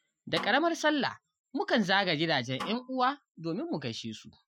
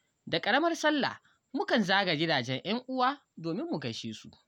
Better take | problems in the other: second | noise reduction (classical method Wiener filter)

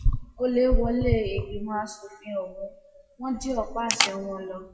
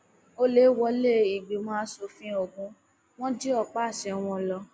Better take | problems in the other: second | noise reduction (classical method WPE with log-MMSE)

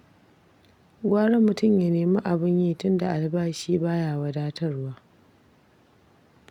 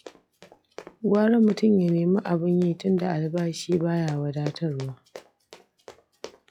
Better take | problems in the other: first | noise reduction (classical method log-MMSE)

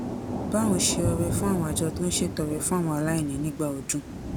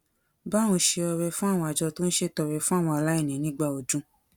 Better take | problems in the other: second | background sound (Thunder / Rain); 4 dB below the speech

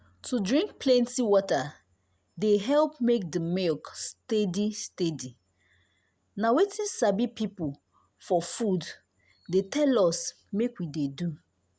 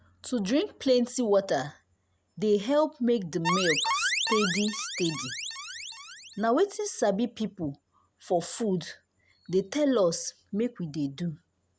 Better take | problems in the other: first | background sound (Alarm); 2 dB below the speech

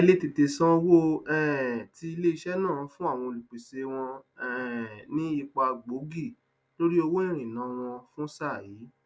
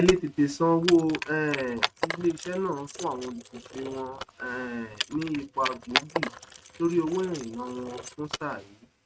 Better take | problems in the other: first | noise reduction (neural mask model RNNoise)

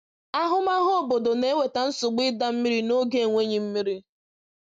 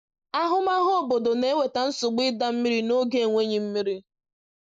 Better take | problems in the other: first | noise reduction (neural mask model Resemble Enhance denoiser)

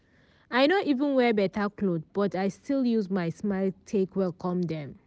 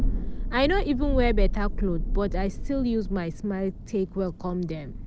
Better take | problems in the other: first | background sound (Thunder); as loud as the speech

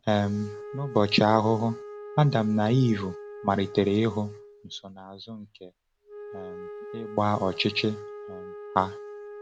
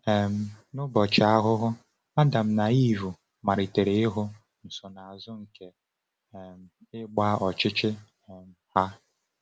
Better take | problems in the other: second | background sound (Wind instrument, woodwind instrument); 14 dB below the speech

